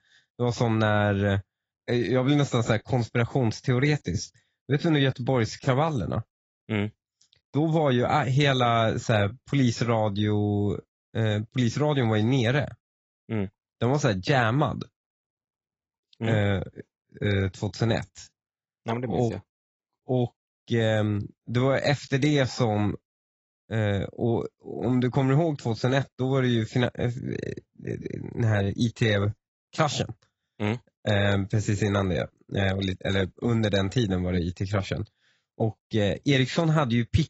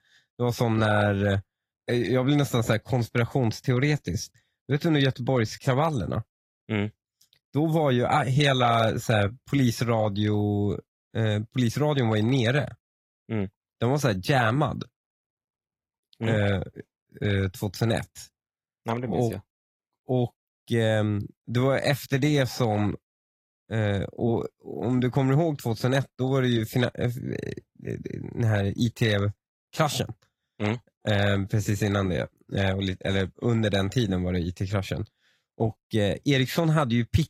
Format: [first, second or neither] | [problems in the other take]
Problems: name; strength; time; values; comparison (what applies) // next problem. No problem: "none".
second | garbled, watery; badly; nothing above 7.5 kHz; slightly in the second